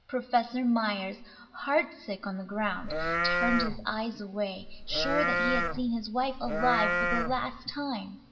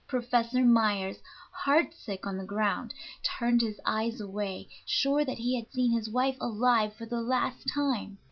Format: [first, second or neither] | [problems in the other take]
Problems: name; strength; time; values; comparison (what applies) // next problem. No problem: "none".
second | background sound (Livestock, farm animals, working animals); 1 dB above the speech // room echo; dies away in 1.5 s